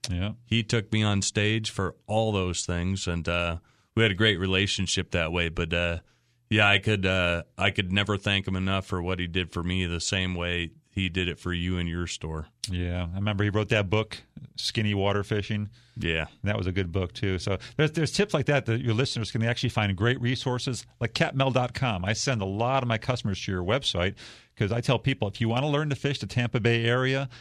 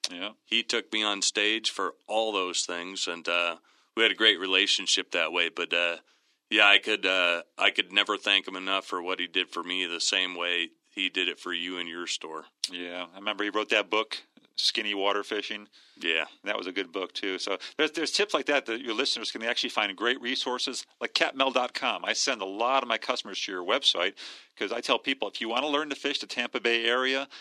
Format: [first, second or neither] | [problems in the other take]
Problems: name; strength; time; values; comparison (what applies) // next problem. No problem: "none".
first | thin; somewhat; fading below 250 Hz